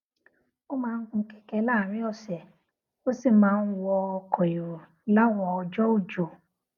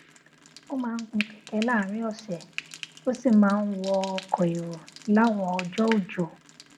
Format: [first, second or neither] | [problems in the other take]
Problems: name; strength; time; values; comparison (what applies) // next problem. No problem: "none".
first | background sound (Frying (food)); 16 dB below the speech